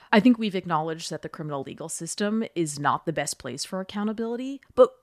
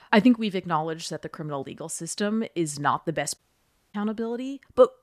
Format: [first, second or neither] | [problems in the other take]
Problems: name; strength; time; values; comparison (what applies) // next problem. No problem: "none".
first | audio cutting out; at 3.5 s for 0.5 s